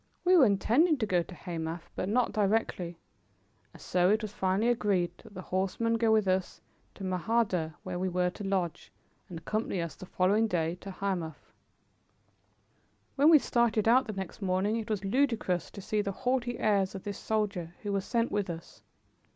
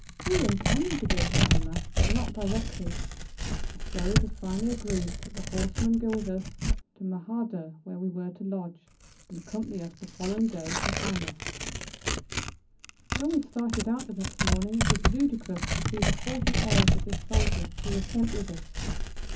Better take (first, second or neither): first